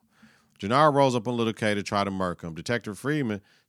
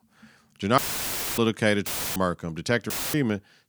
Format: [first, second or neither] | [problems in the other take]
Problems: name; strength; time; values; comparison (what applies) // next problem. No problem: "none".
first | audio cutting out; filled with static; at 1 s for 0.5 s, at 2 s and at 3 s